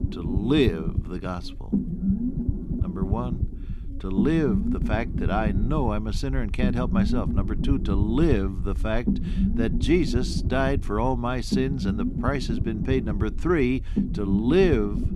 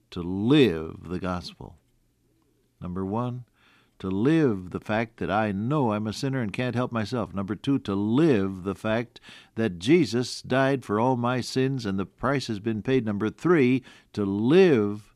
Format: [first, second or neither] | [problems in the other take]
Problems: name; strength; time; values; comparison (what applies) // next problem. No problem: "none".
second | low rumble; loud; throughout; 7 dB below the speech